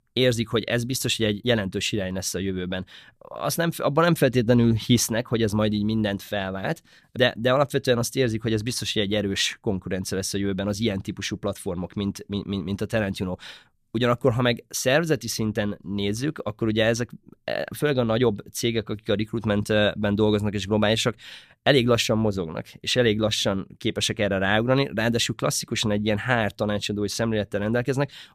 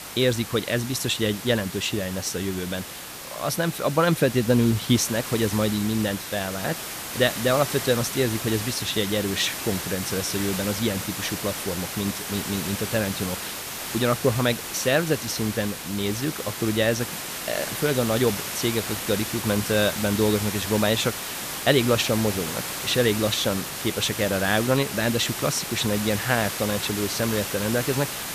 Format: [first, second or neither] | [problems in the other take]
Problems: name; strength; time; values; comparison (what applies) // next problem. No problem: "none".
first | hiss; loud; throughout; 6 dB below the speech